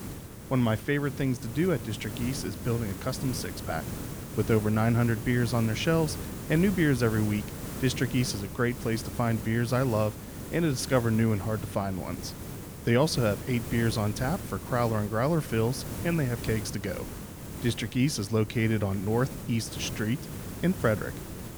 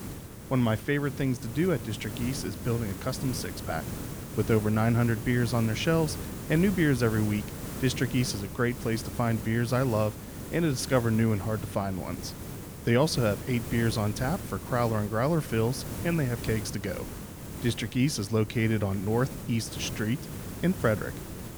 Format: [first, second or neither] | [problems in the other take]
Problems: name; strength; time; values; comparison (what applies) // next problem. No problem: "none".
neither | hiss; loud; throughout; 10 dB below the speech; the same in both